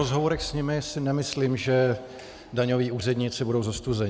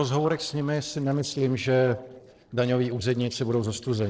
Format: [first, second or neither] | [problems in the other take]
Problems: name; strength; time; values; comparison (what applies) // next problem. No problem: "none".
first | noise reduction (neural separator model SepFormer DNS4)